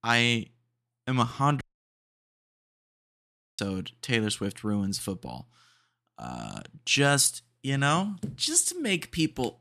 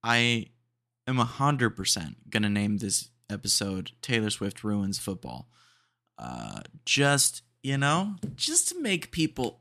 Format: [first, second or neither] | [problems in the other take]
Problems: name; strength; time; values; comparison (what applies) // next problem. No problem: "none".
second | audio cutting out; at 1.5 s for 2 s